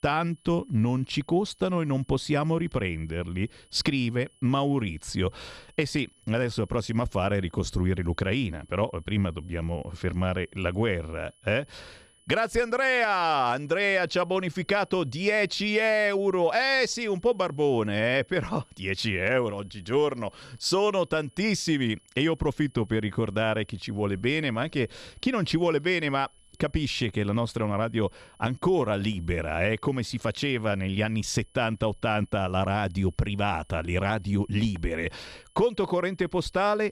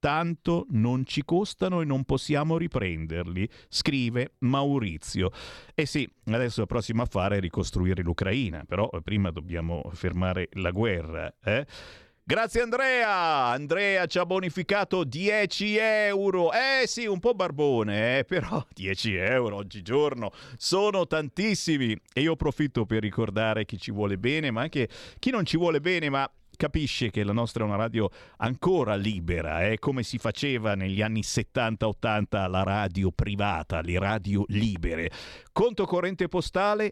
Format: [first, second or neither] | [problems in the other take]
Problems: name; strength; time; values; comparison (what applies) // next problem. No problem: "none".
second | high-pitched whine; faint; throughout; 3 kHz, 30 dB below the speech